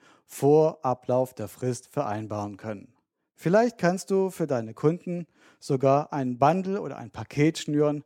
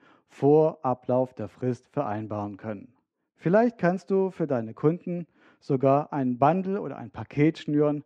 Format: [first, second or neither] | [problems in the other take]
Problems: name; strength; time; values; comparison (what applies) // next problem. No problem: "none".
first | muffled; slightly; fading above 3 kHz